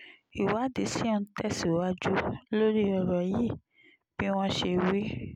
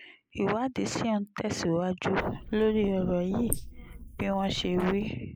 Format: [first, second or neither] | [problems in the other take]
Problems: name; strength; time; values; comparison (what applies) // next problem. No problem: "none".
first | noise reduction (neural mask model Resemble Enhance denoiser)